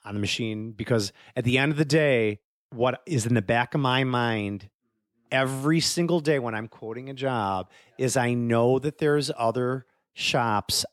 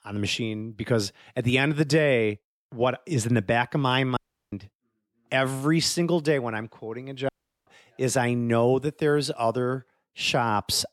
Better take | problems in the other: first | audio cutting out; at 4 s and at 7.5 s

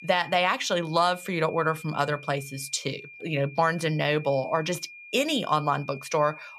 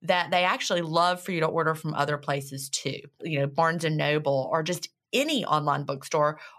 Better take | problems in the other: second | high-pitched whine; noticeable; throughout; 2.5 kHz, 15 dB below the speech

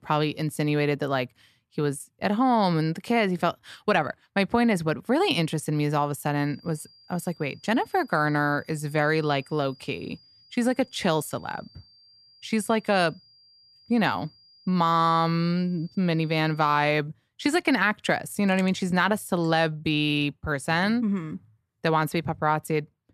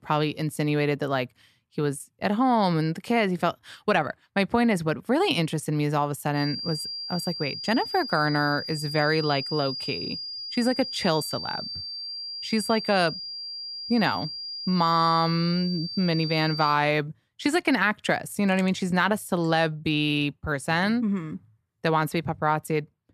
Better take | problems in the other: first | high-pitched whine; loud; from 6.5 to 17 s; 5 kHz, 7 dB below the speech; faint in the first

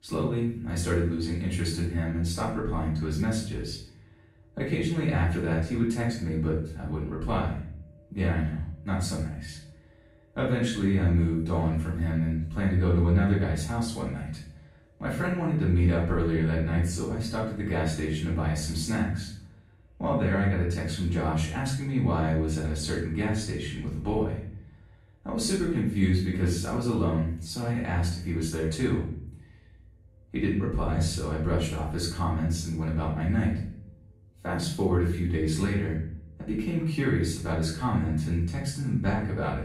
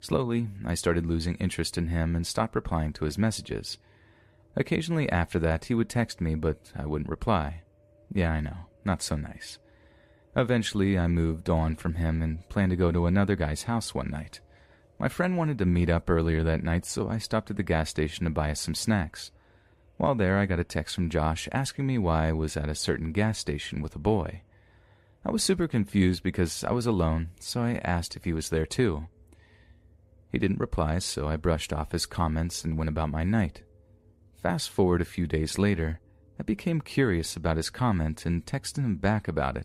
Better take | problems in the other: second | off-mic speech; far // room echo; noticeable; dies away in 0.6 s

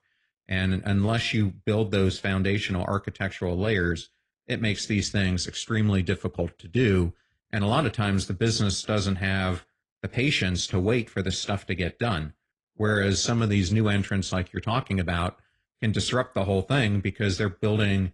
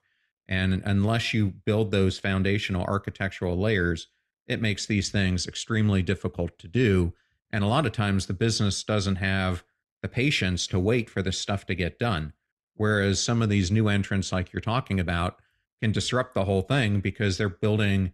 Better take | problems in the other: second | garbled, watery; slightly

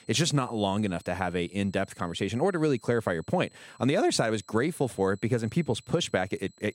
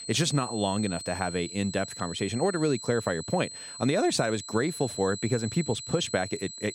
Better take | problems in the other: first | high-pitched whine; loud; throughout; 4 kHz, 9 dB below the speech; faint in the first

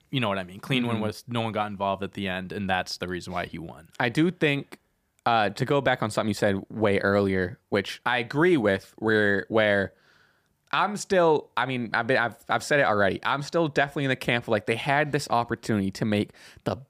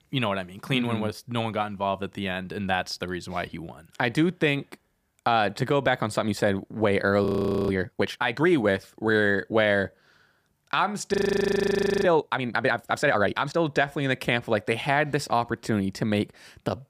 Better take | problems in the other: first | audio freezing; at 7.5 s and at 11 s for 1 s

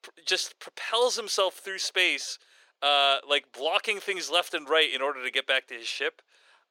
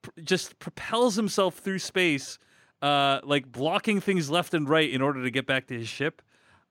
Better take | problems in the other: second | thin; very; fading below 450 Hz

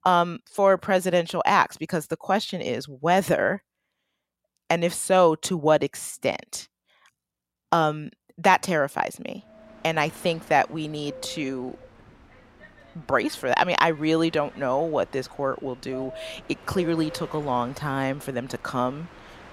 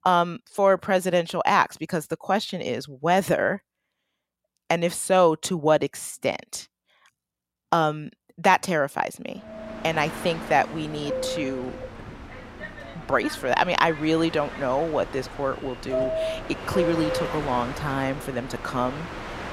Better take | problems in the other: first | train or aircraft noise; loud; from 9.5 s on; 9 dB below the speech; faint in the first

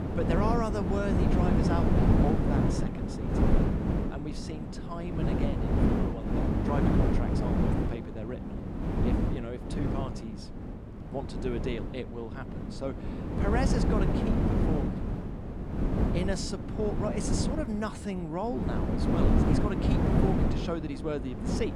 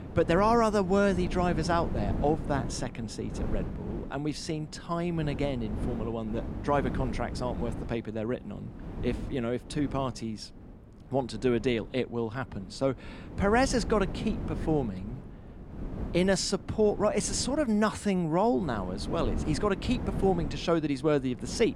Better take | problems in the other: second | wind noise on the microphone; heavy; 2 dB above the speech; occasional gusts in the second

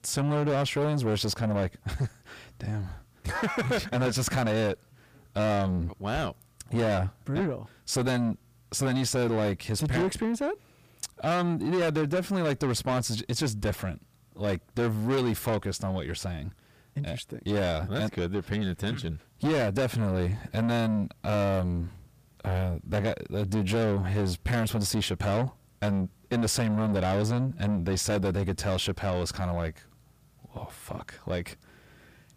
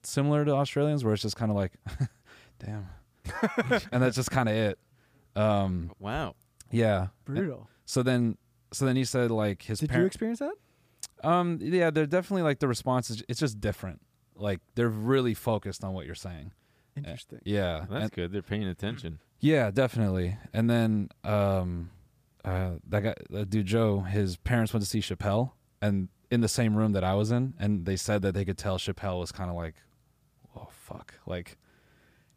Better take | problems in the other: second | distortion; heavy; 7 dB below the speech

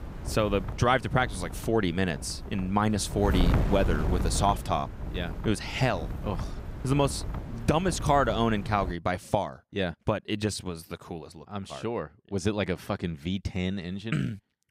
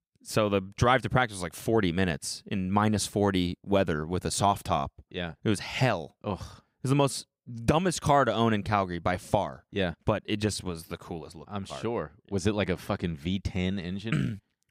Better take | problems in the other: second | wind noise on the microphone; occasional gusts; until 9 s; 10 dB below the speech

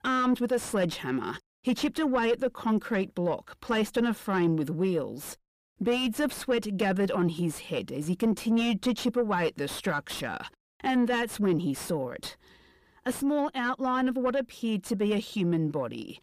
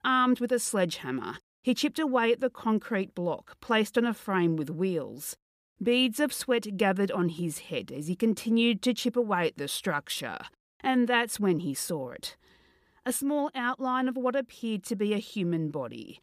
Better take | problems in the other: second | distortion; slight; 10 dB below the speech

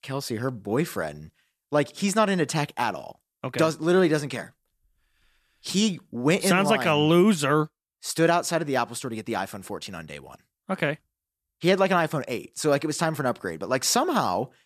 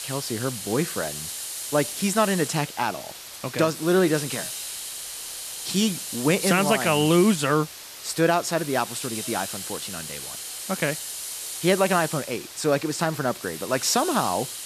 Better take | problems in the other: first | hiss; loud; throughout; 8 dB below the speech

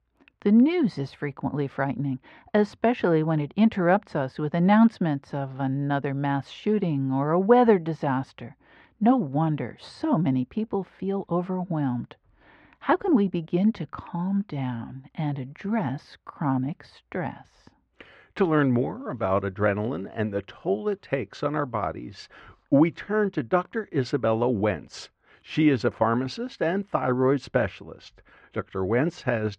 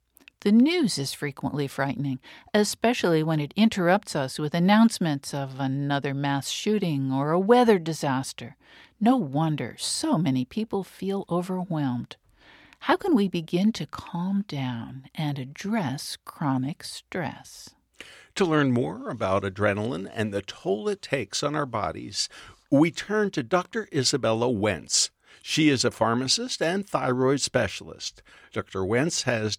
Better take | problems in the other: second | muffled; very; fading above 2 kHz

